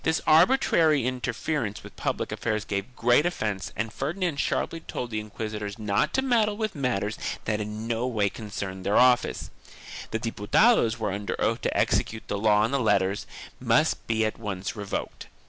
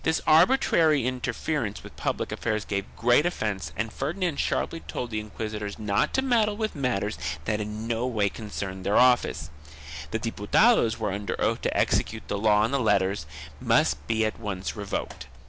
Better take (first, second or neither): first